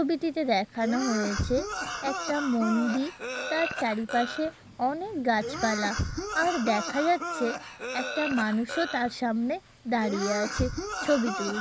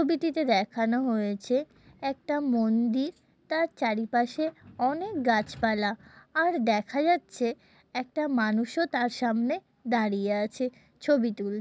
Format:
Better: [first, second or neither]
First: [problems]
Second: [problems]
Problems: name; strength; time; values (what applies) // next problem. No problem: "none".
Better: second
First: background sound (Cough); 6 dB below the speech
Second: none